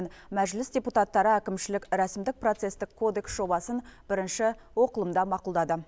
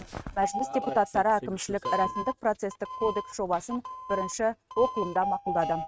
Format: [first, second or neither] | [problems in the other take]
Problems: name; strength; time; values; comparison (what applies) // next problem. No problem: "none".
first | noise reduction (neural mask model RNNoise)